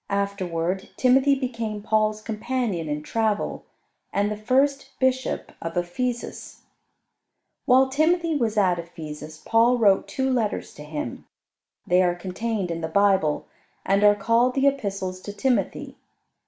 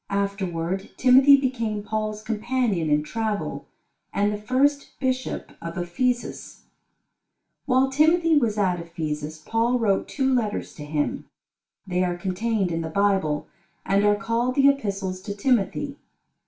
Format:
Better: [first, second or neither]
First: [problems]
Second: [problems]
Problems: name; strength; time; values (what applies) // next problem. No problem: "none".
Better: first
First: none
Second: room echo; dies away in 0.1 s